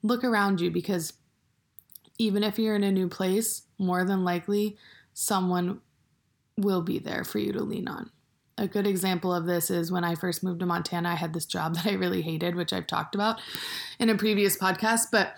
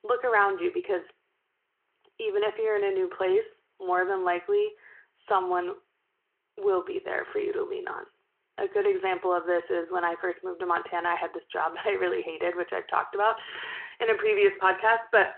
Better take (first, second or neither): first